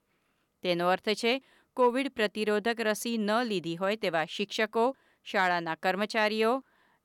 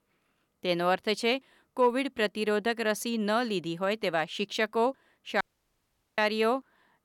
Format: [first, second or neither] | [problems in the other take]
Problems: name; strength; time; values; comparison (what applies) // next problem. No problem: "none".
first | audio cutting out; at 5.5 s for 1 s